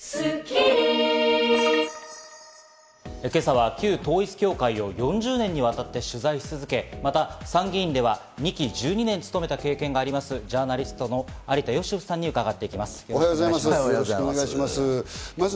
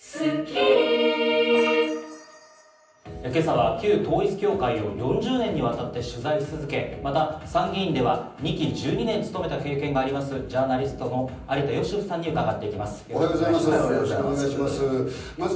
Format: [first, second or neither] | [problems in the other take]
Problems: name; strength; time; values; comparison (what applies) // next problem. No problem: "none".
first | room echo; dies away in 0.6 s